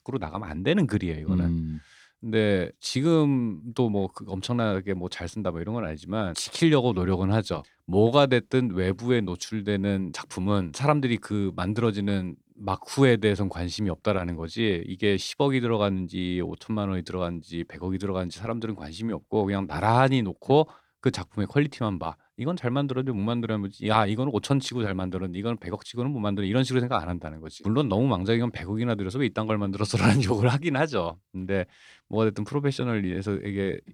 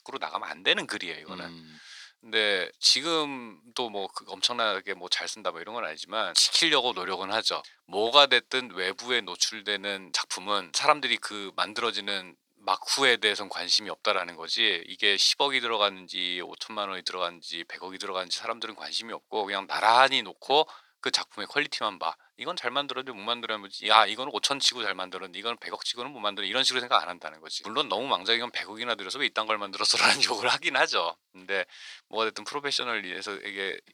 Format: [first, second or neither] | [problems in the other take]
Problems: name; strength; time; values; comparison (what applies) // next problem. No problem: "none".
first | thin; very; fading below 850 Hz